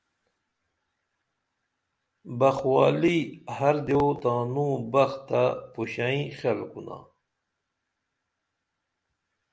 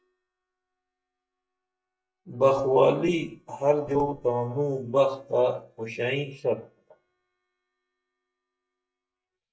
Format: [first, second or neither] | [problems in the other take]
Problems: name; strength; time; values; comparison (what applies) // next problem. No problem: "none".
first | noise reduction (neural mask model DeepFilterNet 3)